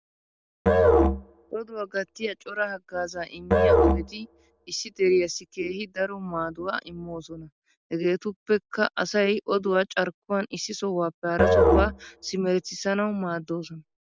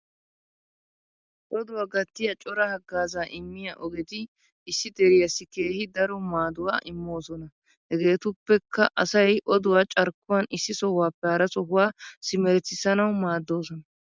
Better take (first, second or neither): second